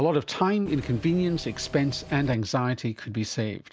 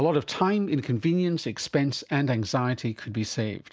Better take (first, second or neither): second